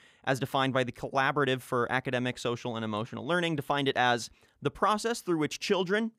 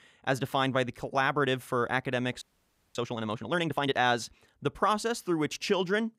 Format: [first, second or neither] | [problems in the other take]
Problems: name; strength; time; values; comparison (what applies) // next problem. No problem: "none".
first | audio freezing; at 2.5 s for 0.5 s